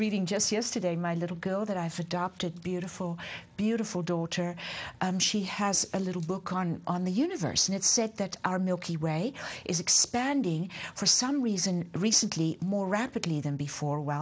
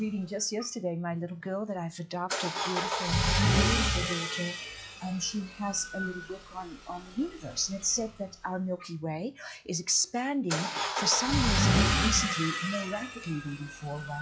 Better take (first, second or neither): first